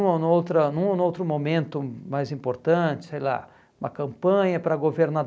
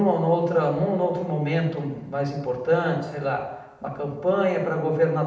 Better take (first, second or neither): first